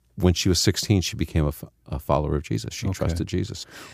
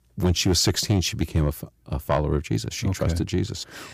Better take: first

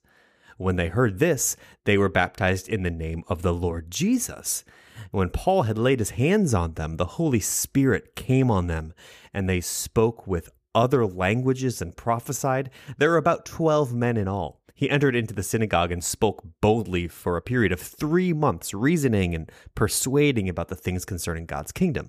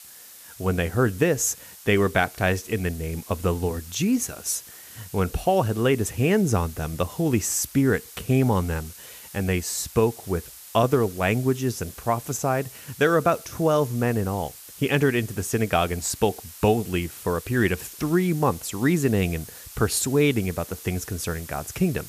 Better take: first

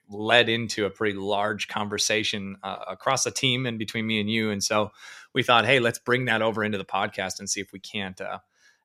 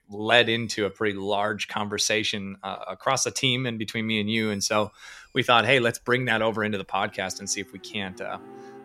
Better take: first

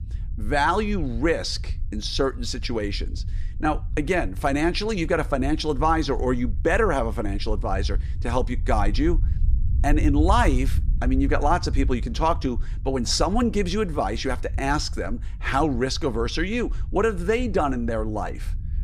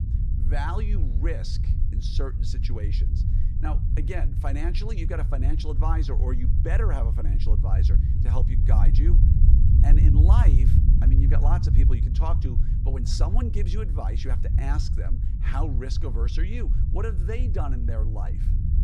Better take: first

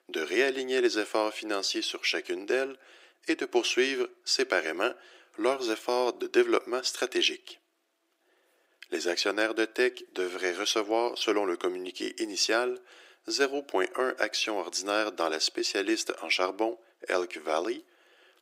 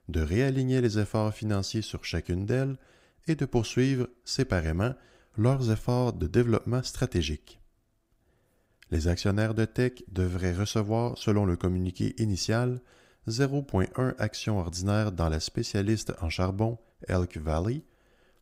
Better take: second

